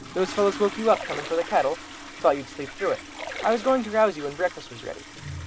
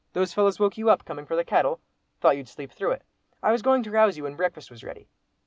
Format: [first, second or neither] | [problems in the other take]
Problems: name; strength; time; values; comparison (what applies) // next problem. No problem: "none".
second | background sound (Toilet flush + Splash, splatter); 12 dB below the speech